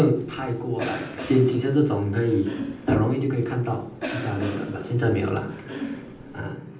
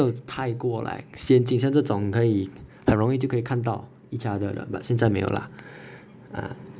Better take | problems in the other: second | background sound (Cough); 11 dB below the speech // room echo; dies away in 0.6 s

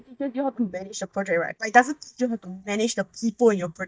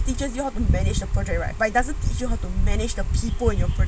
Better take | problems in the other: second | noise reduction (neural mask model DeepFilterNet 3)

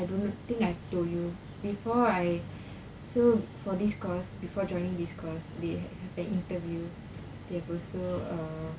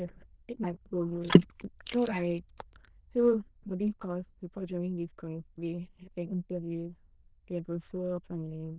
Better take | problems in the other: first | noise reduction (neural diffusion model UNIVERSE++)

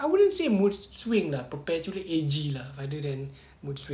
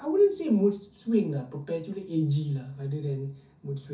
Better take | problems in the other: first | room echo; dies away in 0.3 s

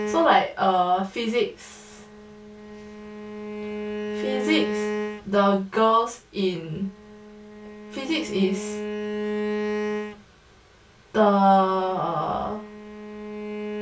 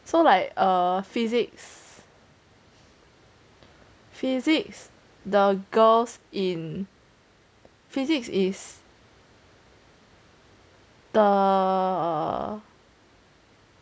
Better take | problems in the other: second | background sound (Bowed string instrument); 7 dB below the speech // room echo; dies away in 0.3 s

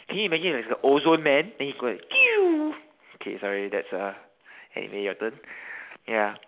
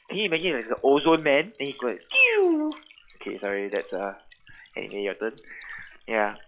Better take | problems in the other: first | noise reduction (classical method log-MMSE)

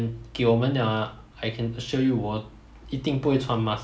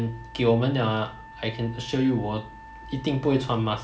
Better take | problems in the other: first | background sound (Wind instrument, woodwind instrument); 20 dB below the speech

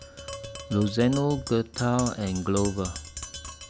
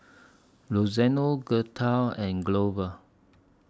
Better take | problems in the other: second | background sound (Tap); 11 dB below the speech

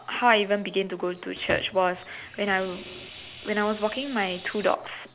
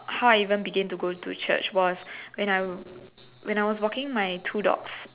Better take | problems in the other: second | background sound (Sawing); 16 dB below the speech

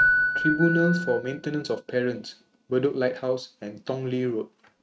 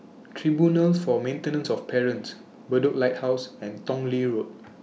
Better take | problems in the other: second | noise reduction (neural mask model RNNoise)

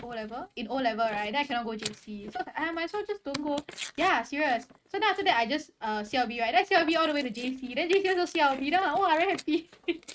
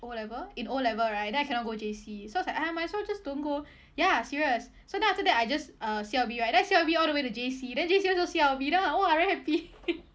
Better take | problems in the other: second | noise reduction (neural mask model RNNoise)

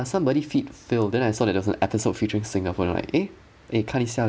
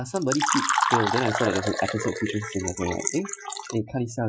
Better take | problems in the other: first | noise reduction (classical method Wiener filter)

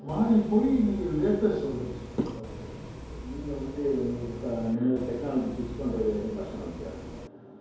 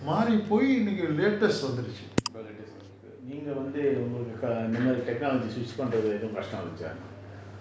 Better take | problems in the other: second | background sound (Bus); 12 dB below the speech // room echo; dies away in 2.4 s

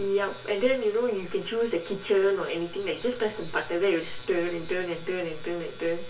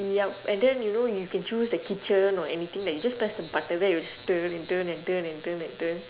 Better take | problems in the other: second | room echo; dies away in 0.2 s

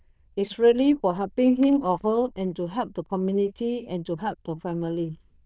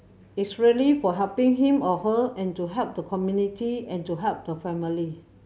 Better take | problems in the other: second | noise reduction (neural diffusion model UNIVERSE++)

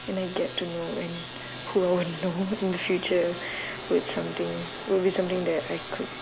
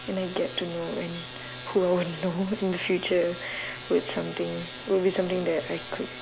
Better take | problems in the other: second | background sound (Motor vehicle (road)); 15 dB below the speech

